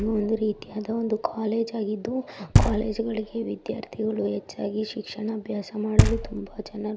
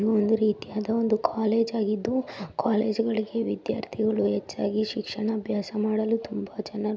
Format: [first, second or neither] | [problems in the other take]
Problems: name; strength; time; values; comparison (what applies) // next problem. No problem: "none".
second | background sound (Knock); as loud as the speech